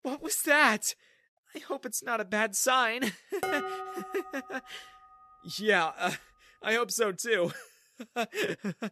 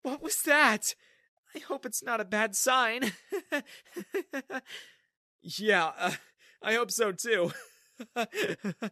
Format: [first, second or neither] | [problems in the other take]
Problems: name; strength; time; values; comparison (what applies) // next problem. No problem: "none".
second | clattering dishes; noticeable; at 3.5 s; peak 4 dB below the speech